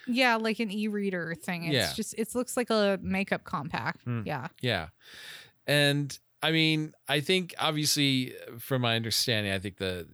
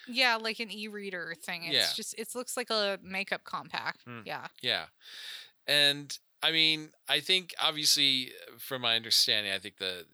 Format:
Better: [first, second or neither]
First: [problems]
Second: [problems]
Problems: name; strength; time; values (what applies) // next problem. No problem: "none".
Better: first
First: none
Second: thin; somewhat; fading below 750 Hz